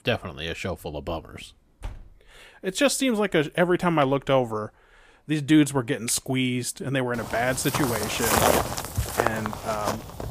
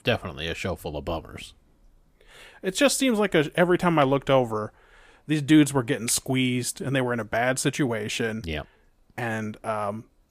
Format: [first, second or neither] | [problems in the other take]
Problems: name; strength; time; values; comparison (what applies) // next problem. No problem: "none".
second | door banging; faint; at 2 s; peak 15 dB below the speech // footsteps; loud; from 7 s on; peak 5 dB above the speech